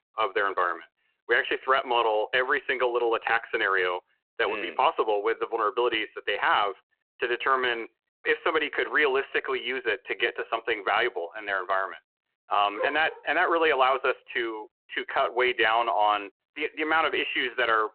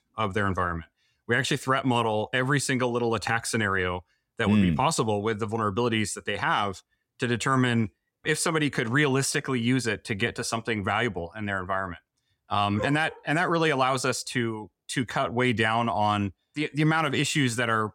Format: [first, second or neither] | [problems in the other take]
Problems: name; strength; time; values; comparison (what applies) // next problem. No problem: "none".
second | phone-call audio